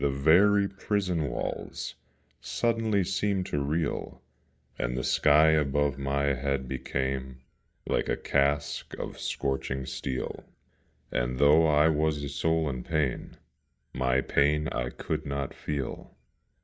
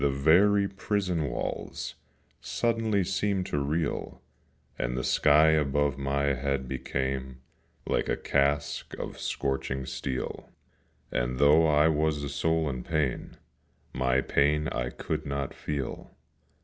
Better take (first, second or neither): second